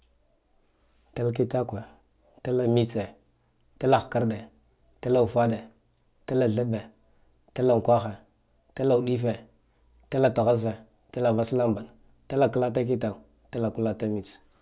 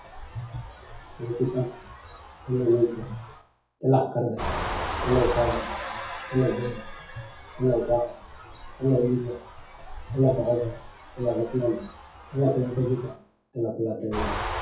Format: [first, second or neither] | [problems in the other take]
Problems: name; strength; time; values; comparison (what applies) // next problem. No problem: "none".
first | noise reduction (classical method WPE with log-MMSE)